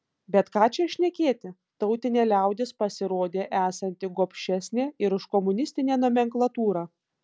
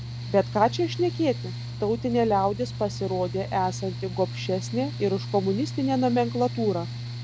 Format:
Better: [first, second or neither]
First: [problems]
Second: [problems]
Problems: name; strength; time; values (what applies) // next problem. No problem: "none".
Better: first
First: none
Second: background sound (Mechanical fan); 8 dB below the speech